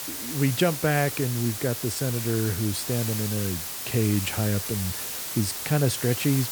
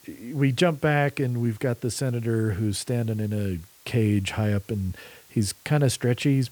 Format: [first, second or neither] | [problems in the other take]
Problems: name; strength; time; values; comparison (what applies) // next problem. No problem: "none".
second | hiss; loud; throughout; 4 dB below the speech; faint in the second